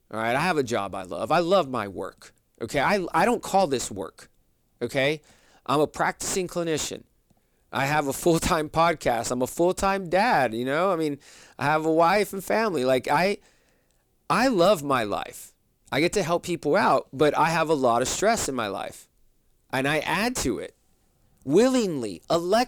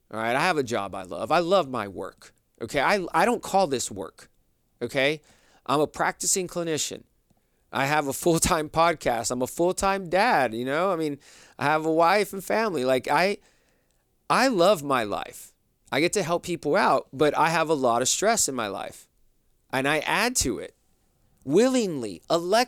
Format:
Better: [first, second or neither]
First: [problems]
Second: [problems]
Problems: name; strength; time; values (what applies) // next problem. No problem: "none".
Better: second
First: distortion; slight; 10 dB below the speech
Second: none